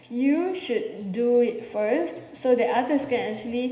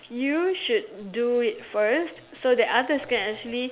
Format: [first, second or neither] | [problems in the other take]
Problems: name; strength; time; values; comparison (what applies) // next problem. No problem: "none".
second | room echo; dies away in 0.9 s